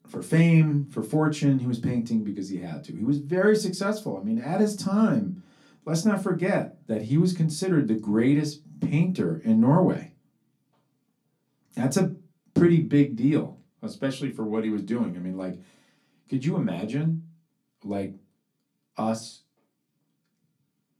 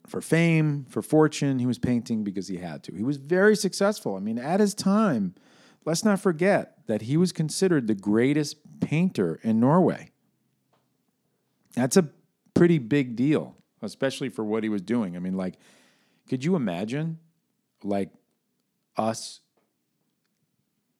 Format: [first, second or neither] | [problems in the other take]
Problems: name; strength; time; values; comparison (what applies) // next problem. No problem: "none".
second | off-mic speech; far // room echo; very slight; dies away in 0.2 s